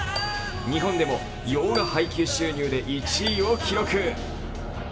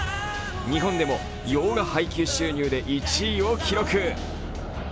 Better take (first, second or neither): second